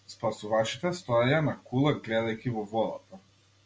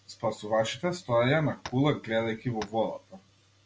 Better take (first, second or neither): first